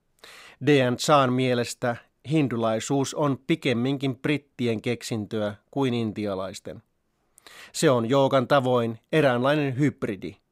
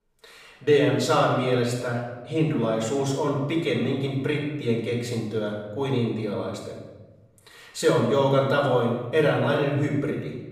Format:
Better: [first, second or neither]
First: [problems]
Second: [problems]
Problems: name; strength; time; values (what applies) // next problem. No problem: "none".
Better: first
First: none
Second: off-mic speech; far // room echo; noticeable; dies away in 1 s